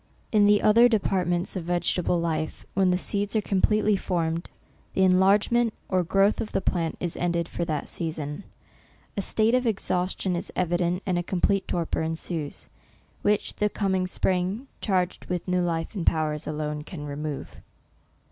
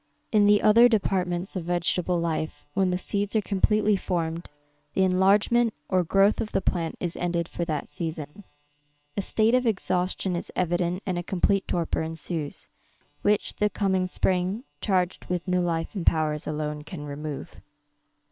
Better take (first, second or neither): first